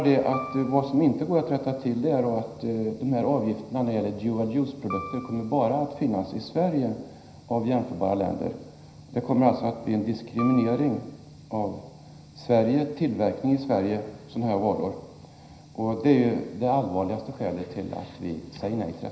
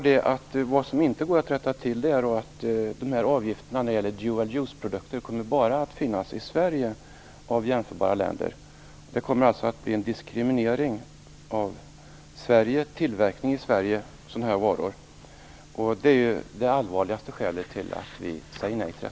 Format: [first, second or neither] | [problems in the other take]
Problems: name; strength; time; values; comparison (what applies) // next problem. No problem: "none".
second | background sound (Piano); 14 dB below the speech // room echo; dies away in 0.9 s